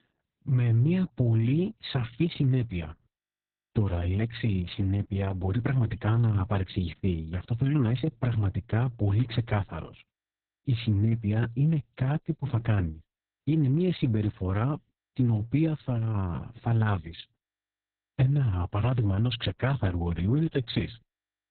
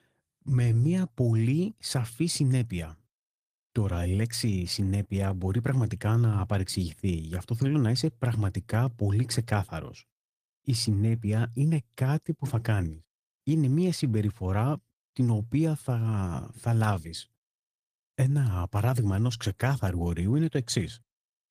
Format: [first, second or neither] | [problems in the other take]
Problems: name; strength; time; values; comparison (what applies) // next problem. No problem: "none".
second | garbled, watery; badly; nothing above 4 kHz; slightly in the second